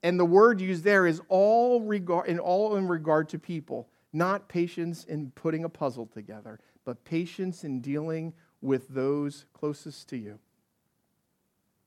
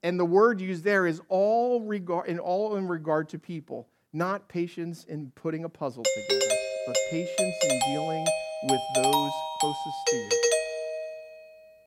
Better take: first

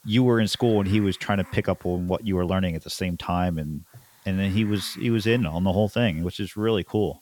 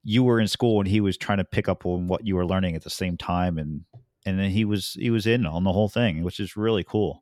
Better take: second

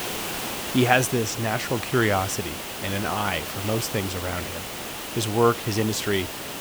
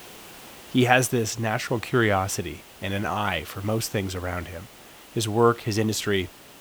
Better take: second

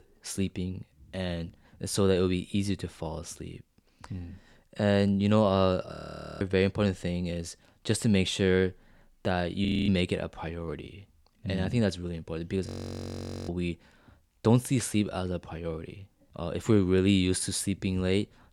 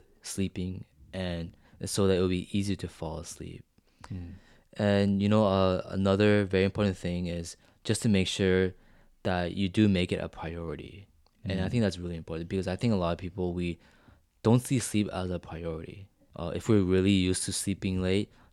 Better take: second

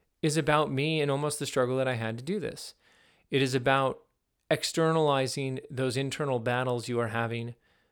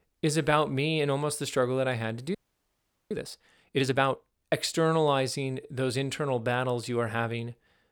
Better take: first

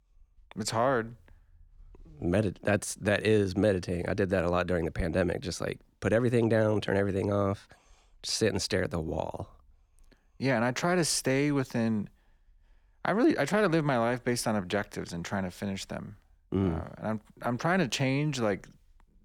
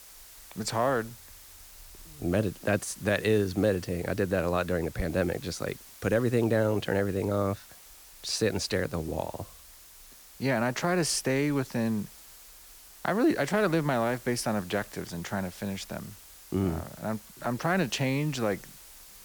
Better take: first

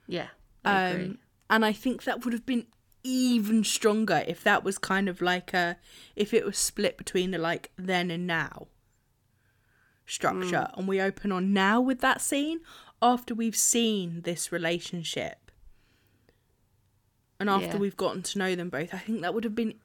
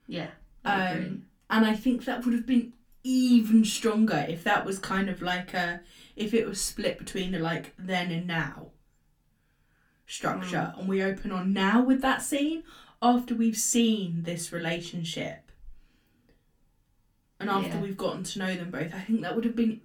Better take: first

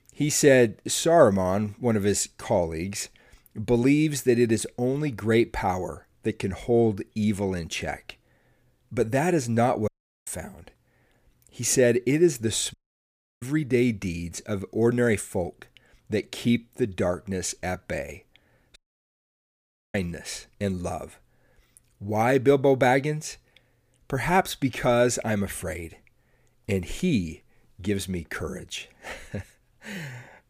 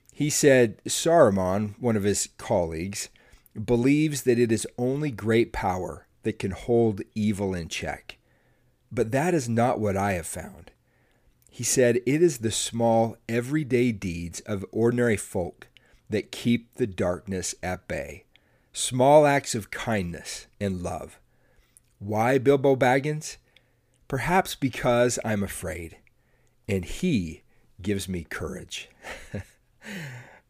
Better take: second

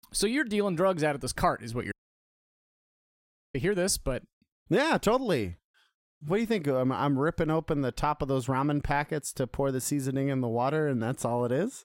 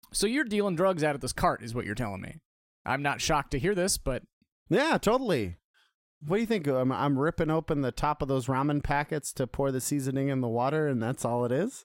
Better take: second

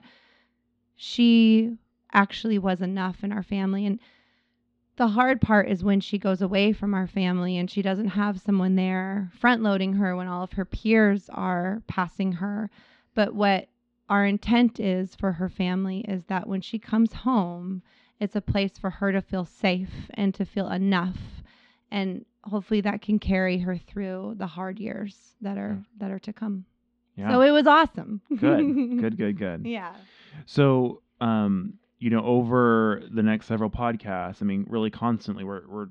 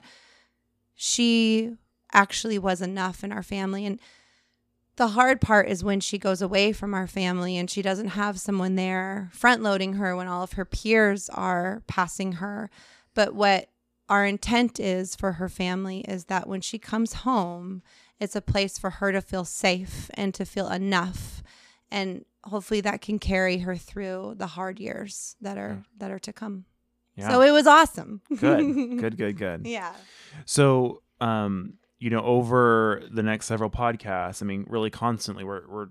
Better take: second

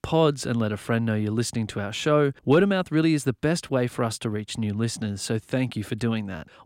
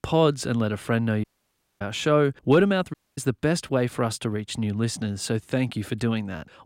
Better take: first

